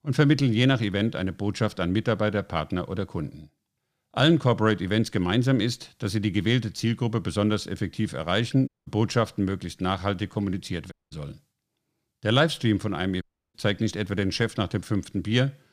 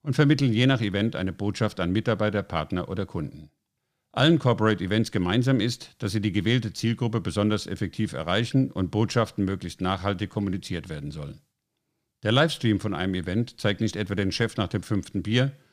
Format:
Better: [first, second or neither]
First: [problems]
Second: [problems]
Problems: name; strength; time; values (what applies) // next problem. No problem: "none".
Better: second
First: audio cutting out; at 8.5 s, at 11 s and at 13 s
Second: none